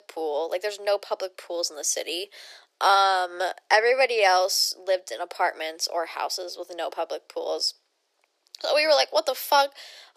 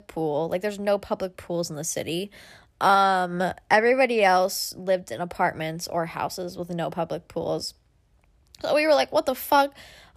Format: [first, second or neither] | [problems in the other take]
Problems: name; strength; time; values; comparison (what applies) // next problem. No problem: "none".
second | thin; very; fading below 350 Hz